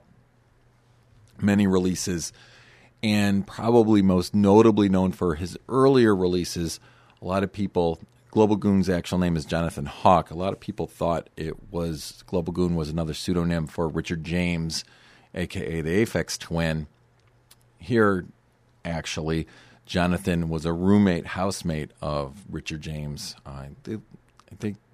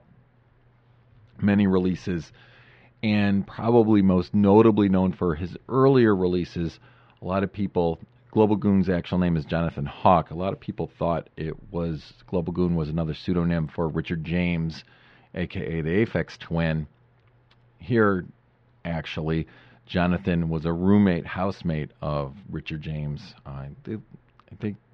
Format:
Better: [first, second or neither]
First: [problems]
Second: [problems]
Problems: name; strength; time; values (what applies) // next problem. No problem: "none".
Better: first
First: none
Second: muffled; slightly; fading above 3.5 kHz